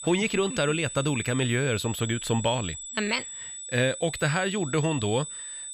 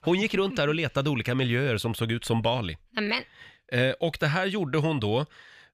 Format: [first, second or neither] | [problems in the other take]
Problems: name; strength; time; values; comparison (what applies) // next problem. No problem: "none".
second | high-pitched whine; loud; throughout; 8 kHz, 9 dB below the speech